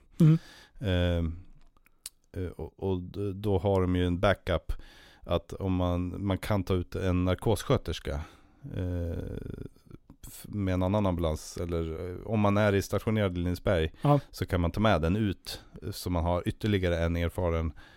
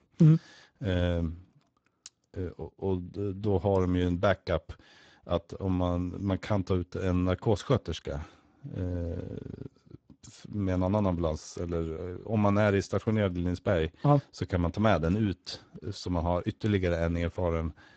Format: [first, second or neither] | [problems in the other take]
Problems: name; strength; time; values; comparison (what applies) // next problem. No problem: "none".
first | garbled, watery; badly; nothing above 7.5 kHz